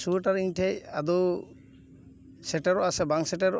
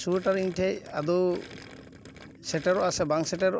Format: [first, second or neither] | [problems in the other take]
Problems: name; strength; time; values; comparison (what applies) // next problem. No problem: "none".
first | background sound (Gurgling); 20 dB below the speech